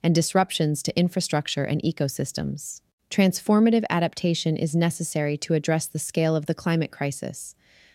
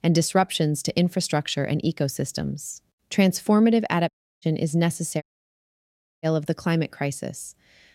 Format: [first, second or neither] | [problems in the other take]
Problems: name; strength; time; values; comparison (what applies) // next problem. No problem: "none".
first | audio cutting out; at 4 s and at 5 s for 1 s